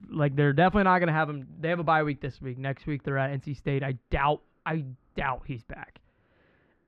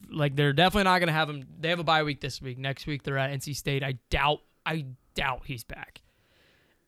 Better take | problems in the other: second | muffled; very; fading above 1.5 kHz

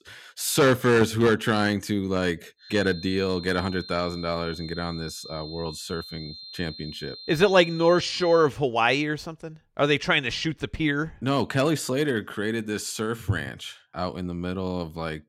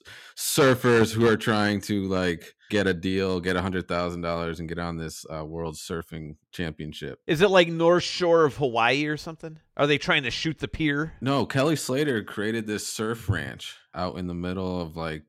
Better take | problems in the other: second | high-pitched whine; noticeable; from 2.5 to 8.5 s; 4 kHz, 15 dB below the speech

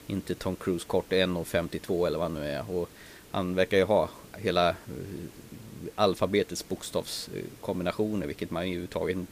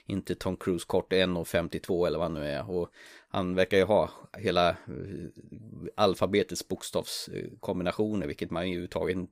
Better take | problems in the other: second | hiss; faint; throughout; 20 dB below the speech

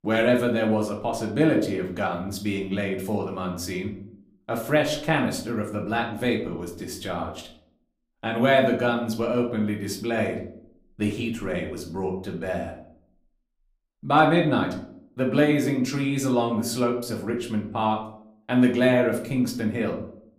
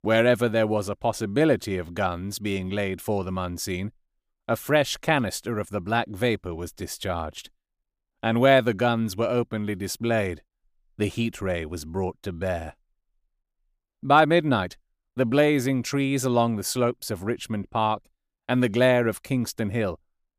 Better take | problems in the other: second | room echo; slight; dies away in 0.5 s // off-mic speech; somewhat distant

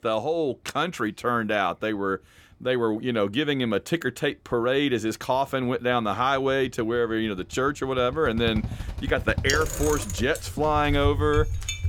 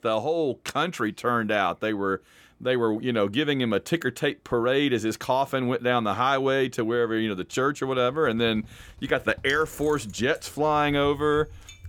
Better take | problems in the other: second | traffic noise; loud; throughout; 6 dB below the speech; faint in the second

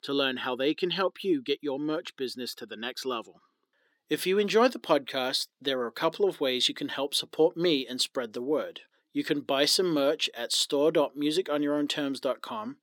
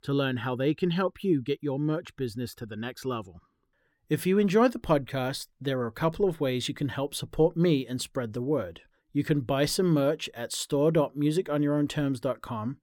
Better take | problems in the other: second | thin; very slightly; fading below 300 Hz

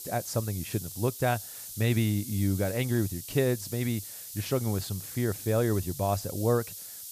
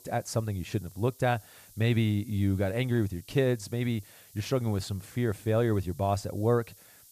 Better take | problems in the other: second | hiss; loud; throughout; 9 dB below the speech; faint in the second

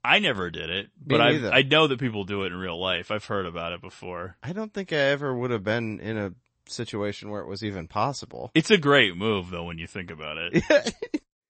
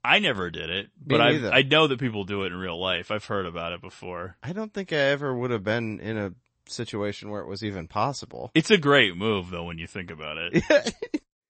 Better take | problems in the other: neither | garbled, watery; slightly; nothing above 8 kHz; the same in both

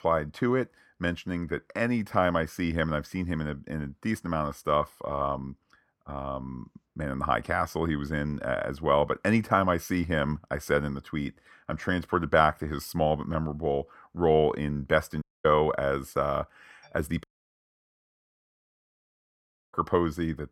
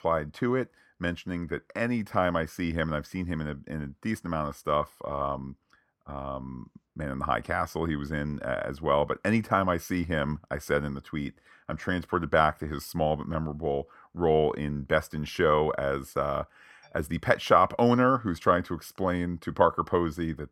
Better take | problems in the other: second | audio cutting out; at 15 s and at 17 s for 2.5 s

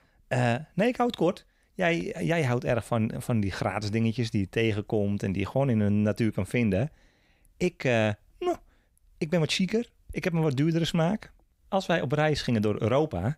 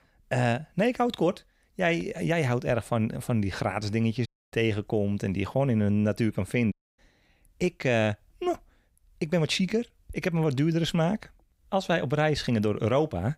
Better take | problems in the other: first | audio cutting out; at 4.5 s and at 6.5 s

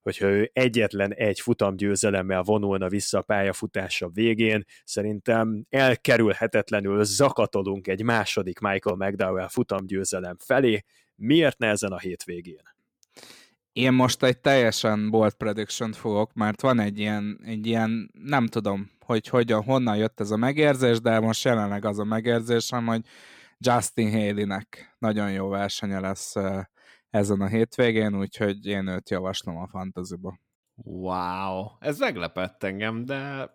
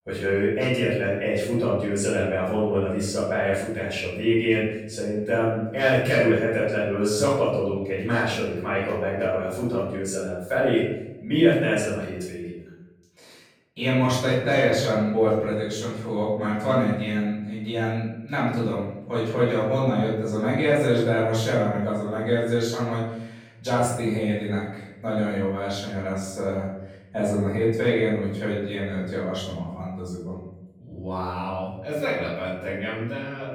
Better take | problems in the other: first | off-mic speech; far // room echo; noticeable; dies away in 0.9 s

